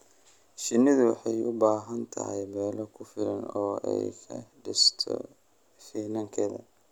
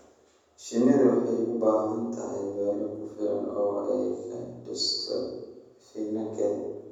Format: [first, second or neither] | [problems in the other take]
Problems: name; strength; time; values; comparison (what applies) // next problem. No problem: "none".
first | room echo; dies away in 1.1 s